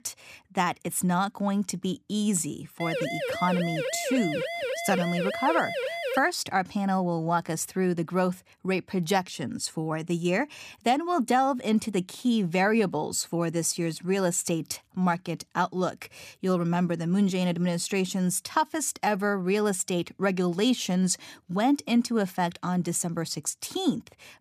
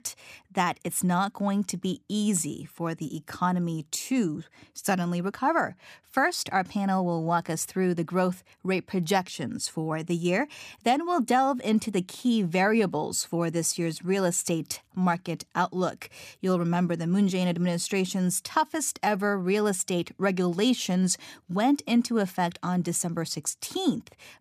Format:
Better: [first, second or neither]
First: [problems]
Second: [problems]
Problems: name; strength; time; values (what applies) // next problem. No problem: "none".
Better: second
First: siren; noticeable; from 3 to 6 s; peak 3 dB below the speech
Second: none